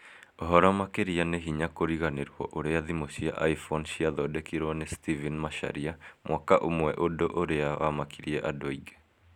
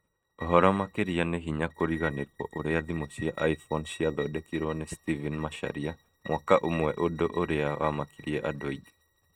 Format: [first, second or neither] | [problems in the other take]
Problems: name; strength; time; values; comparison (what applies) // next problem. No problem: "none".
first | noise reduction (neural mask model RNNoise)